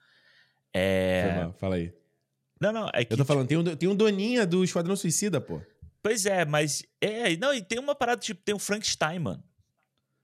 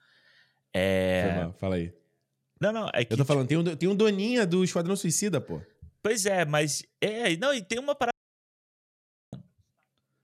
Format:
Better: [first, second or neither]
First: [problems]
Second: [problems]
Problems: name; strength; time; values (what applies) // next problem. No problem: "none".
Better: first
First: none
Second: audio cutting out; at 8 s for 1 s